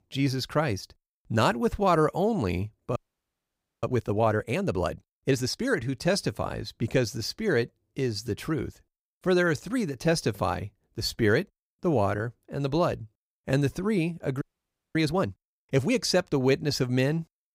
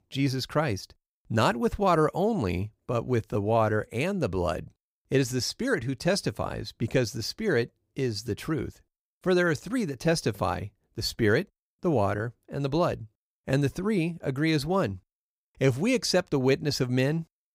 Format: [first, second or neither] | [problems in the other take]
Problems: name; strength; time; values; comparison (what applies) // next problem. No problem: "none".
second | audio freezing; at 3 s for 1 s and at 14 s for 0.5 s